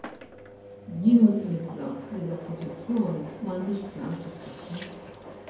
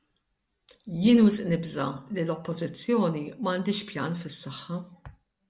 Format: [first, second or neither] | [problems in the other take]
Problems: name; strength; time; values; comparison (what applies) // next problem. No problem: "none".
second | background sound (Engine); 15 dB below the speech // room echo; dies away in 0.9 s